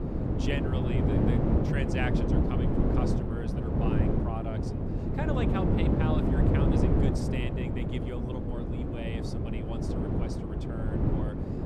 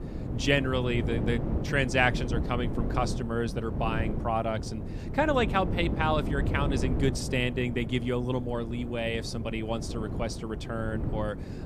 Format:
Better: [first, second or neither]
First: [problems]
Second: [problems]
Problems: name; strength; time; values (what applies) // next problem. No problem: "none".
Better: second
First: wind noise on the microphone; heavy; 5 dB above the speech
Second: wind noise on the microphone; occasional gusts; 10 dB below the speech